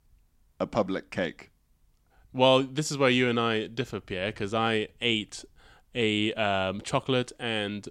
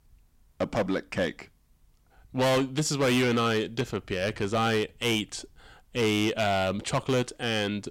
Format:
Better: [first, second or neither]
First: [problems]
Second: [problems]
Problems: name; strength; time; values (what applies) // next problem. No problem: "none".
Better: first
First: none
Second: distortion; heavy; 9% of the sound clipped